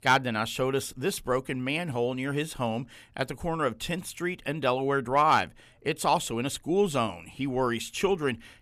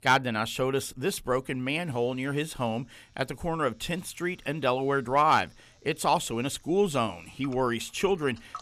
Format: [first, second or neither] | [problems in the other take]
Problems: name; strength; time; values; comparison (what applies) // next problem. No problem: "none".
first | household noises; faint; from 1.5 s on; 30 dB below the speech